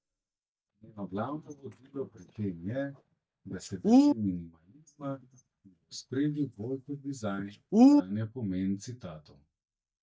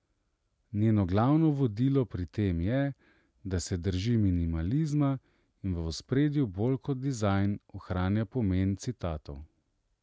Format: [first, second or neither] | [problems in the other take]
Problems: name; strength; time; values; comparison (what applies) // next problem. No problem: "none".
second | noise reduction (neural mask model DeepFilterNet 3)